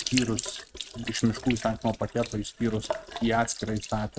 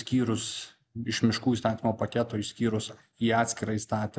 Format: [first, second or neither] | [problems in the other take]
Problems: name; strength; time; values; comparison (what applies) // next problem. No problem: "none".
second | noise reduction (neural mask model RNNoise)